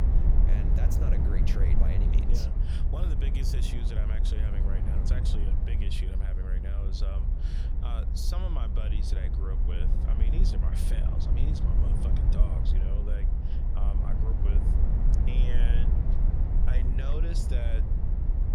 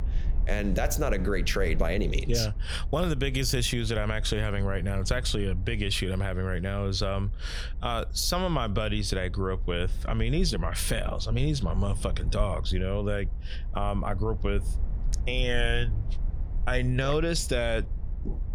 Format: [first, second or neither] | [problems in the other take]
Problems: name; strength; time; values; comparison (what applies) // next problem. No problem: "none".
second | low rumble; loud; throughout; as loud as the speech; faint in the second